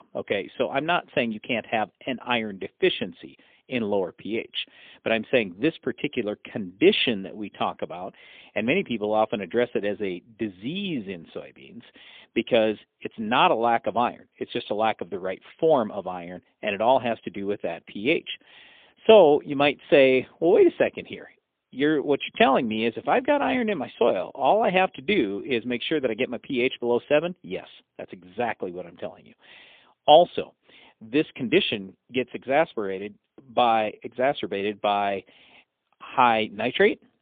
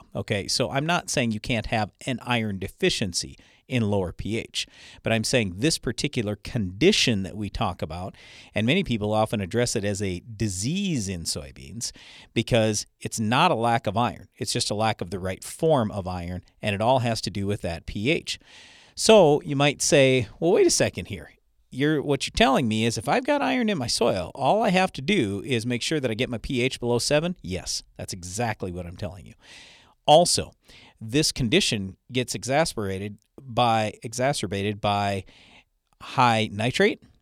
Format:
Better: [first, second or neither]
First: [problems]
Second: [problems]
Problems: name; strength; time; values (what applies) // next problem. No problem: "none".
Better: second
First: phone-call audio; poor line; nothing above 3.5 kHz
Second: none